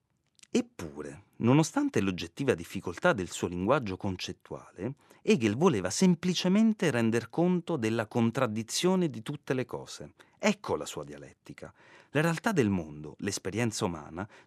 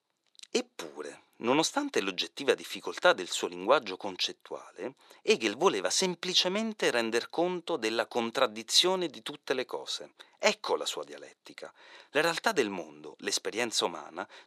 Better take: first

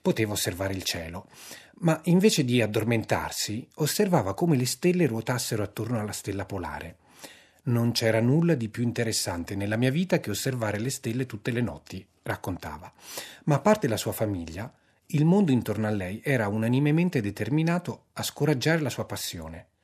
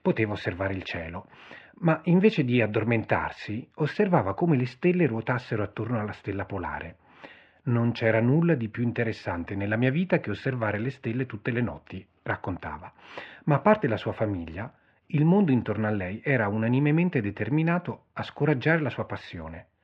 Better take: first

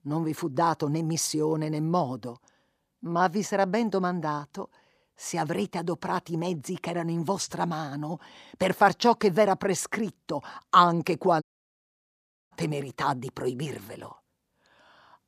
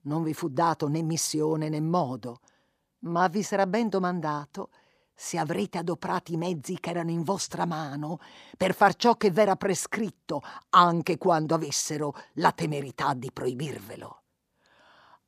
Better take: second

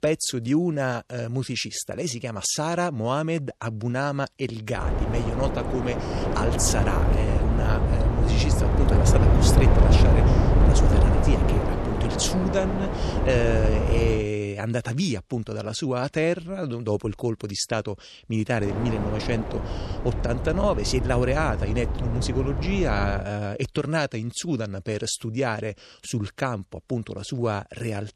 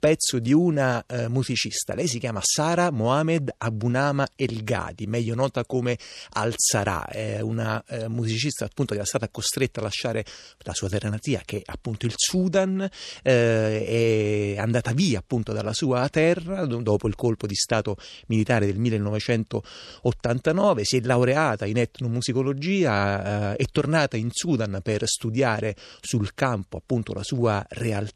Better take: second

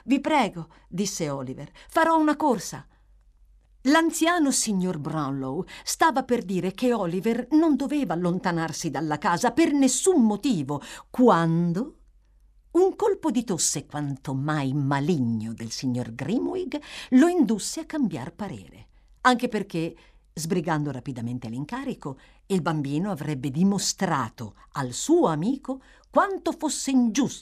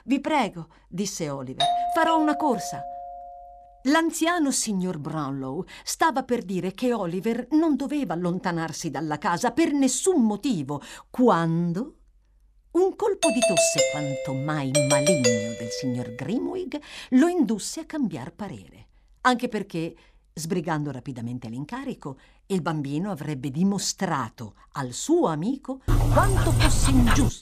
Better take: first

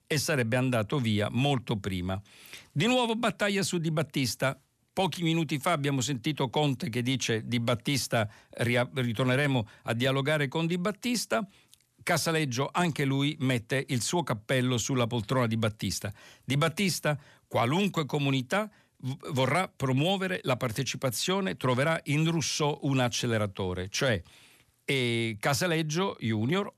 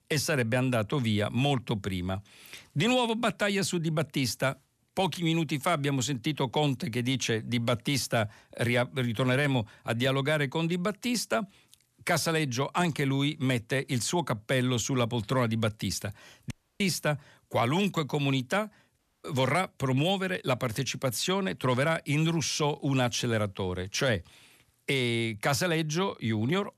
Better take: first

